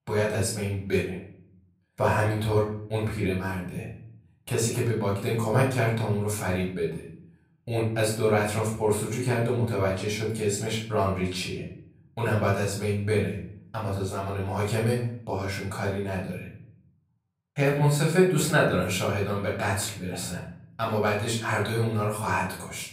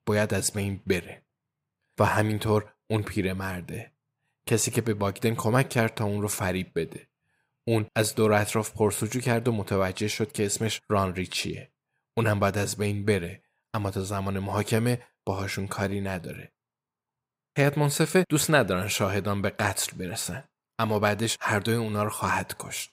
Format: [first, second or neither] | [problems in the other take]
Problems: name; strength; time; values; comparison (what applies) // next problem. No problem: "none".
second | off-mic speech; far // room echo; noticeable; dies away in 0.6 s